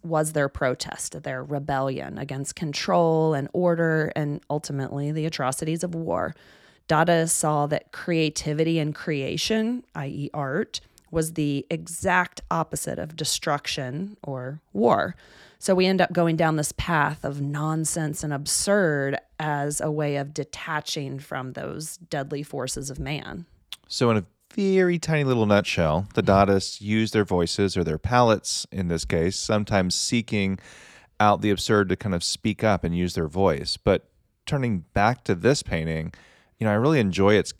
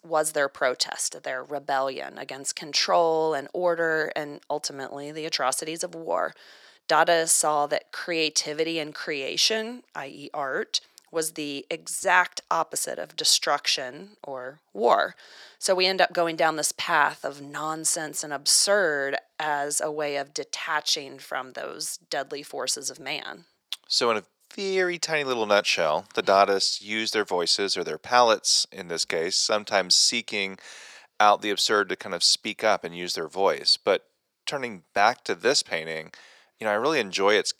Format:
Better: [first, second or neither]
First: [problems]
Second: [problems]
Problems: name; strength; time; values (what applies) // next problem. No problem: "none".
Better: first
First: none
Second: thin; very; fading below 500 Hz